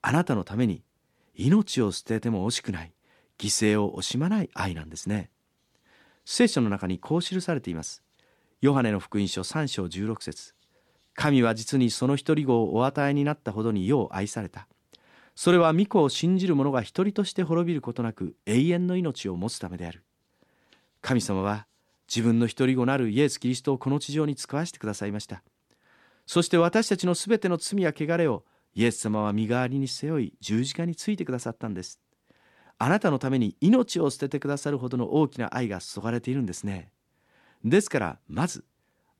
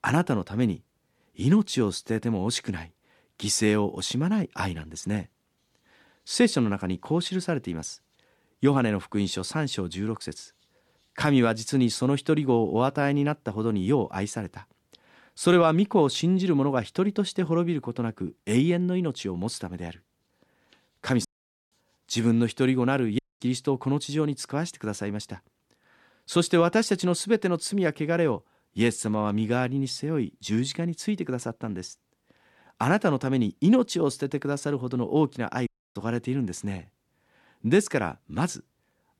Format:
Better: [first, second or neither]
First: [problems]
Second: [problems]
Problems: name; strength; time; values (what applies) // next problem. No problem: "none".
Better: first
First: none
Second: audio cutting out; at 21 s, at 23 s and at 36 s